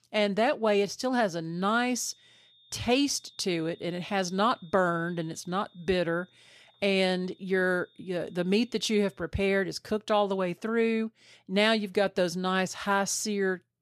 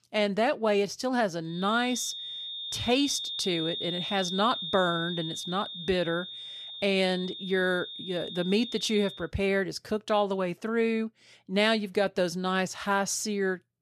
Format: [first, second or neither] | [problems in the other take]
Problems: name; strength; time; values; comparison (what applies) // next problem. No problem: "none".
first | high-pitched whine; loud; from 1.5 to 9 s; 3.5 kHz, 7 dB below the speech; faint in the first